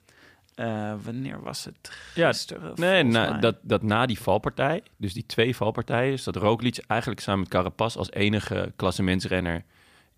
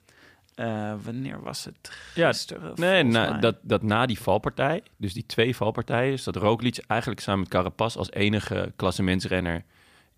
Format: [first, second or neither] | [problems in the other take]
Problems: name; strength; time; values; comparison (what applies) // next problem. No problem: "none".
neither | none